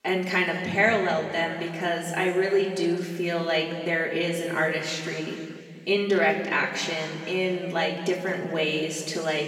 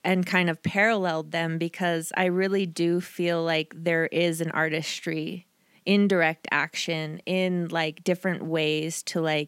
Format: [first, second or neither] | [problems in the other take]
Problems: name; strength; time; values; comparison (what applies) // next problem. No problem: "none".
second | room echo; noticeable; dies away in 2.1 s // off-mic speech; far